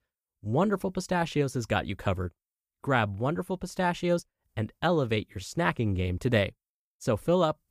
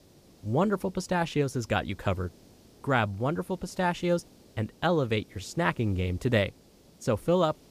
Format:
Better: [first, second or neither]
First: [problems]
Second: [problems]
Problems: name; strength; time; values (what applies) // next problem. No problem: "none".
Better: first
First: none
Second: hiss; faint; throughout; 25 dB below the speech